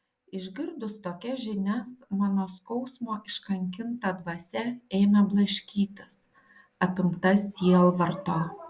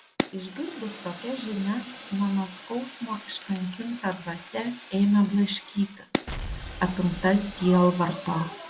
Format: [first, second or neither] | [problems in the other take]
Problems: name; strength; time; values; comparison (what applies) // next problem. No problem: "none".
first | background sound (Fire + Explosion); 12 dB below the speech